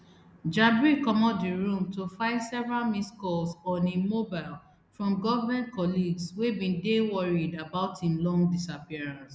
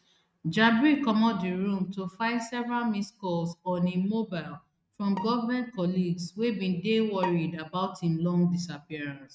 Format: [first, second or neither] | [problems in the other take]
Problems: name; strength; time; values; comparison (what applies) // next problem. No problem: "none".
first | noise reduction (neural mask model RNNoise)